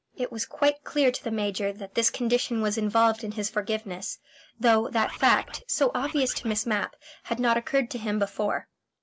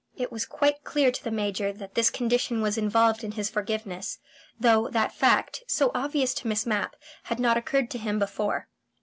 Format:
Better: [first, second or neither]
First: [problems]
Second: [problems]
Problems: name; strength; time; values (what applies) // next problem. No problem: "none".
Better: second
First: noise reduction (neural mask model Resemble Enhance denoiser)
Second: none